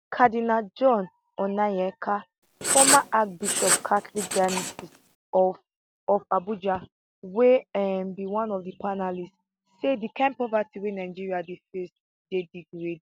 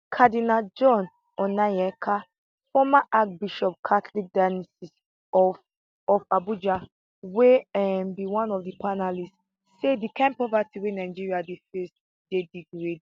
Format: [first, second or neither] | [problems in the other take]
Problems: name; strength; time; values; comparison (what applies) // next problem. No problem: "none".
second | background sound (Writing); as loud as the speech